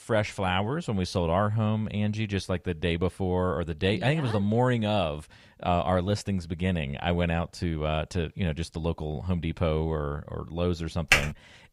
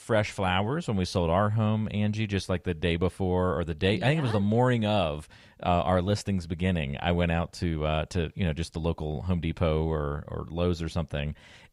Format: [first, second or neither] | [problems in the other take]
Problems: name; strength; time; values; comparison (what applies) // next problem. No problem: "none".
second | keyboard typing; loud; at 11 s; peak 5 dB above the speech